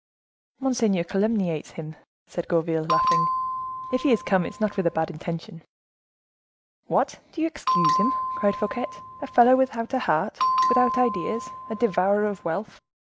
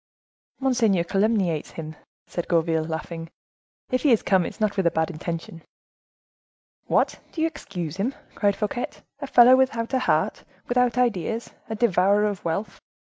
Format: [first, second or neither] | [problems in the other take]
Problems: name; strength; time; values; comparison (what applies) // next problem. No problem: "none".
second | background sound (Bell); 2 dB below the speech